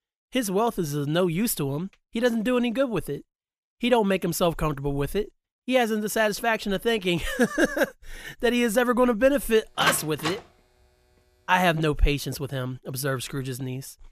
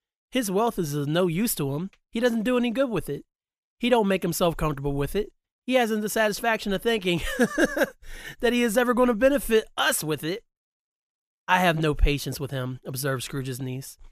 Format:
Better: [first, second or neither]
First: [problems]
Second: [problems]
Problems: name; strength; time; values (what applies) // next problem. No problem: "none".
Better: second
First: door banging; noticeable; at 10 s; peak 3 dB below the speech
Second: none